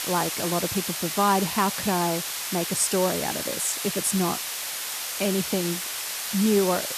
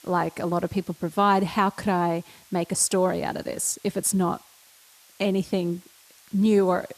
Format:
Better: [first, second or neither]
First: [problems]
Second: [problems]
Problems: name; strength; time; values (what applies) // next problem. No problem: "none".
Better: second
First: hiss; loud; throughout; 2 dB below the speech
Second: hiss; faint; throughout; 25 dB below the speech